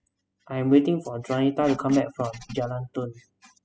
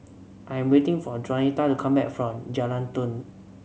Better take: second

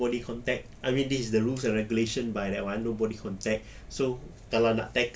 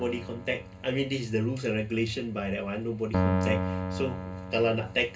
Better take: first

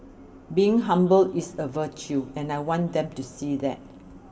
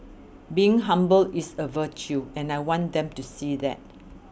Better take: second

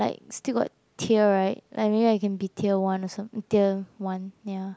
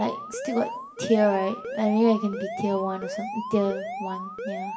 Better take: first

